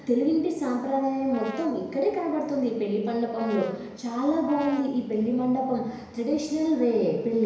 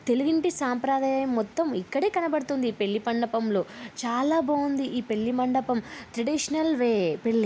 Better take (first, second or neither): second